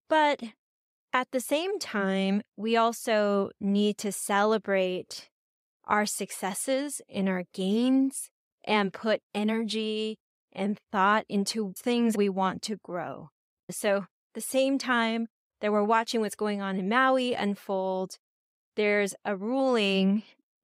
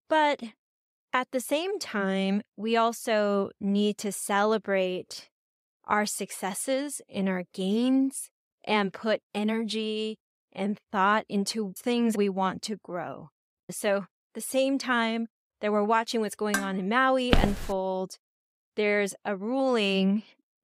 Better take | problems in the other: first | clattering dishes; noticeable; at 17 s; peak 4 dB below the speech // footsteps; loud; at 17 s; peak 1 dB above the speech

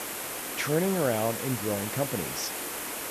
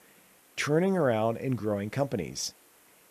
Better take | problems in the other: second | hiss; loud; throughout; 3 dB below the speech; faint in the second

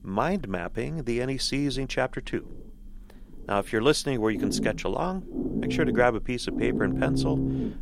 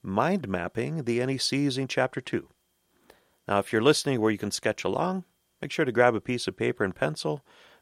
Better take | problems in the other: second | low rumble; loud; throughout; 6 dB below the speech

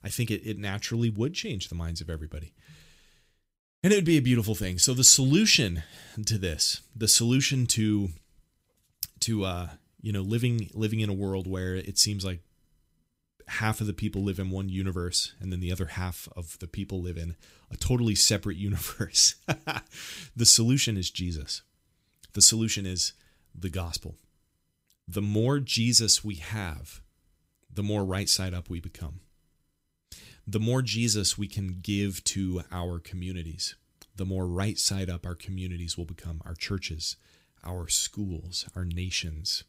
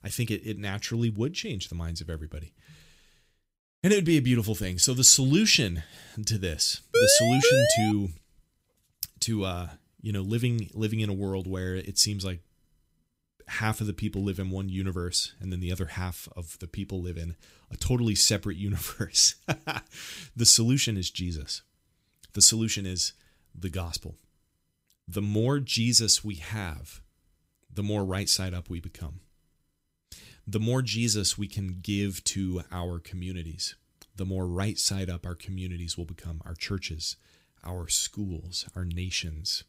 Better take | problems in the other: first | siren; loud; at 7 s; peak 5 dB above the speech

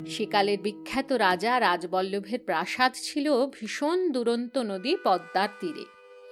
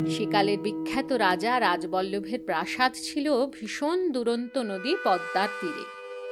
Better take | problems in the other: first | background music; loud; throughout; 8 dB below the speech; faint in the first

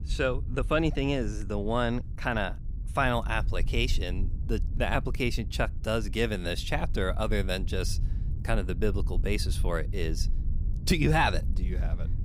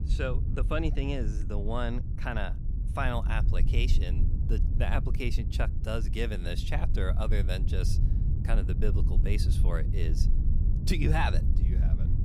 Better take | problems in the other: first | low rumble; loud; throughout; 9 dB below the speech; faint in the first

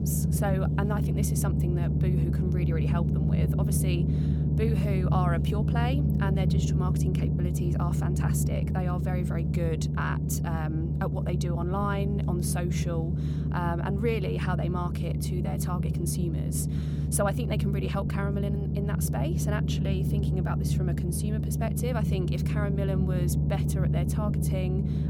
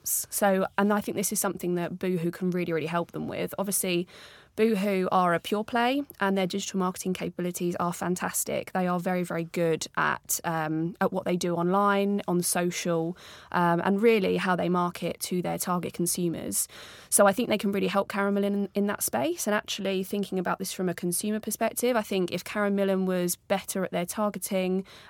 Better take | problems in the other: second | low rumble; loud; throughout; 2 dB below the speech

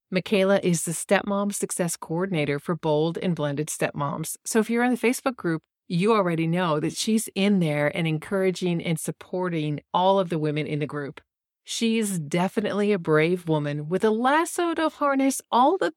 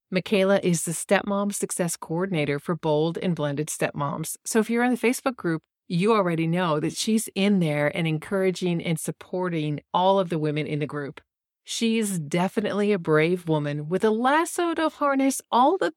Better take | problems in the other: neither | none

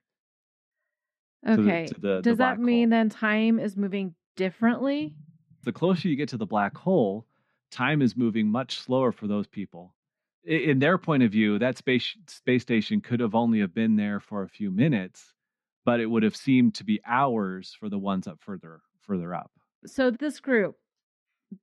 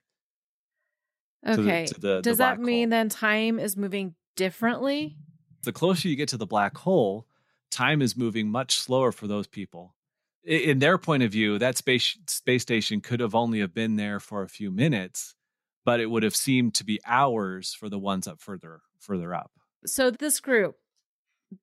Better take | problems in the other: second | muffled; slightly; fading above 3 kHz

